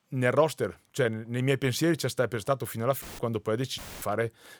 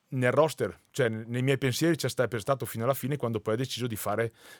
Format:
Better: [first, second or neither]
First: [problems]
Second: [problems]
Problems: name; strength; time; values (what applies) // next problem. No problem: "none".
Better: second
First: audio cutting out; filled with static; at 3 s and at 4 s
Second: none